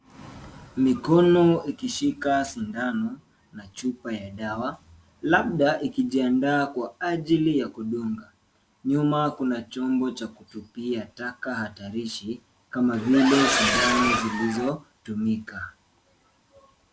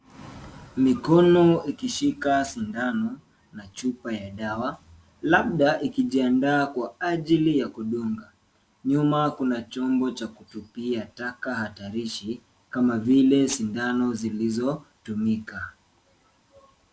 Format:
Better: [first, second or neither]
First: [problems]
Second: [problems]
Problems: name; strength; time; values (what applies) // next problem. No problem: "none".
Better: second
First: background sound (Accelerating, revving, vroom); 1 dB above the speech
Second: none